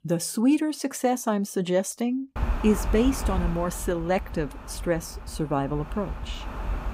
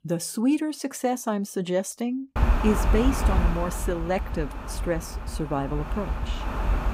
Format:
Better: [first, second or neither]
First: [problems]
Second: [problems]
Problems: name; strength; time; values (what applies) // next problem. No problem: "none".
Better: first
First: wind noise on the microphone; occasional gusts; from 2.5 s on; 10 dB below the speech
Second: wind noise on the microphone; heavy; from 2.5 s on; 4 dB below the speech